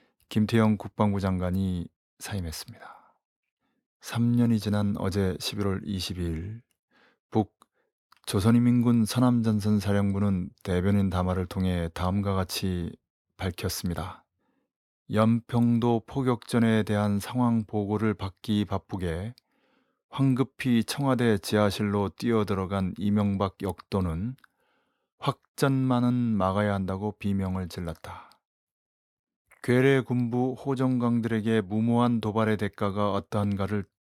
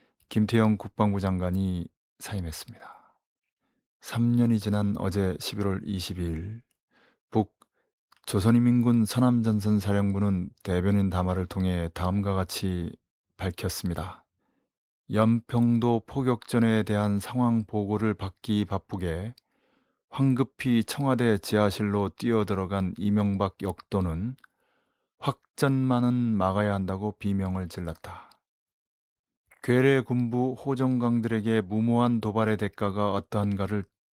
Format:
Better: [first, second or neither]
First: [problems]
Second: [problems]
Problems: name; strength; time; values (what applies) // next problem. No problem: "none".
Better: first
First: none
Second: garbled, watery; slightly; nothing above 17.5 kHz